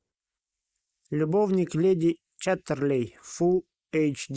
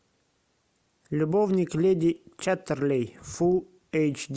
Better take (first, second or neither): second